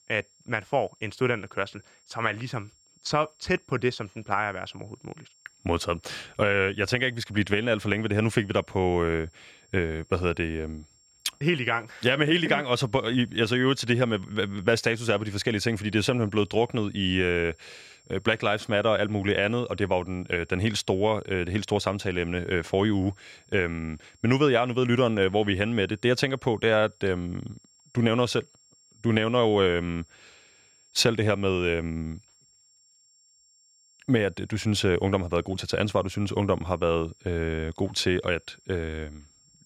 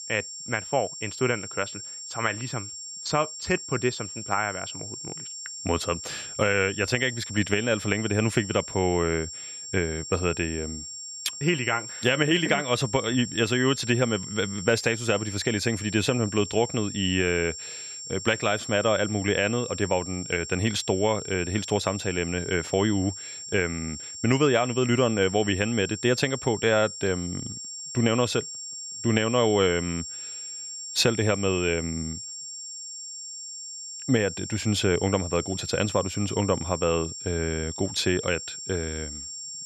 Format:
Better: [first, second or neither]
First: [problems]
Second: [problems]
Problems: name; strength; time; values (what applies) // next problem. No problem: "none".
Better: first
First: high-pitched whine; faint; throughout; 7.5 kHz, 30 dB below the speech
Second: high-pitched whine; loud; throughout; 7.5 kHz, 9 dB below the speech